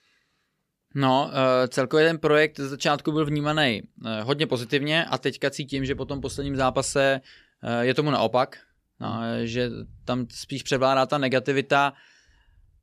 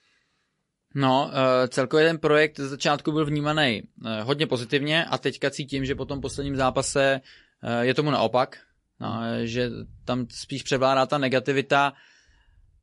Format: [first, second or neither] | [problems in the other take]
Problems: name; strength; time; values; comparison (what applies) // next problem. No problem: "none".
first | garbled, watery; slightly; nothing above 10 kHz